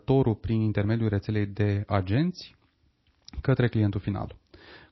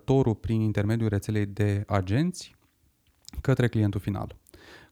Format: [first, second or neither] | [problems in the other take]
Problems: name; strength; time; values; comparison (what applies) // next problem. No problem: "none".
second | garbled, watery; slightly; nothing above 5.5 kHz